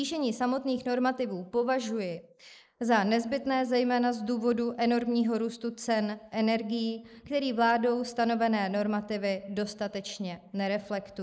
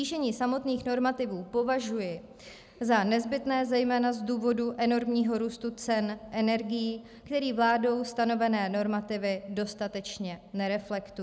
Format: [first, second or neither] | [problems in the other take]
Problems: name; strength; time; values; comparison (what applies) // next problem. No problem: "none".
second | noise reduction (neural mask model Resemble Enhance denoiser)